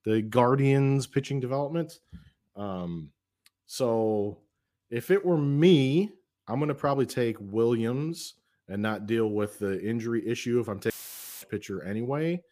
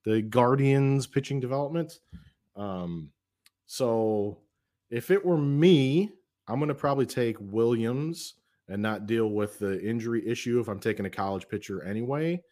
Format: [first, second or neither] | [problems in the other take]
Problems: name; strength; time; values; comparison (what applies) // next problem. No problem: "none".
second | audio cutting out; filled with static; at 11 s for 0.5 s